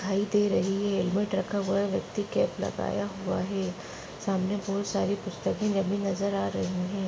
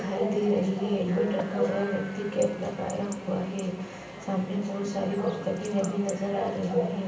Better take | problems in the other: first | background sound (Bark / Chatter / Chirp, tweet / Livestock, farm animals, working animals); 7 dB below the speech // room echo; dies away in 0.6 s

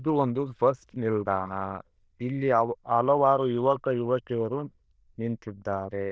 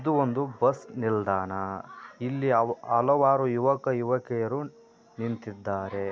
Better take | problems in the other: second | noise reduction (neural diffusion model UNIVERSE++)

